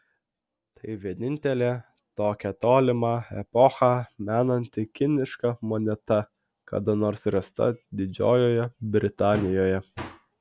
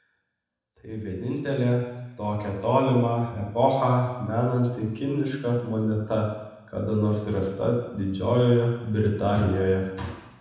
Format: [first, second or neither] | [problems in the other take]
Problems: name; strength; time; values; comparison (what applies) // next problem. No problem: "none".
first | room echo; dies away in 1 s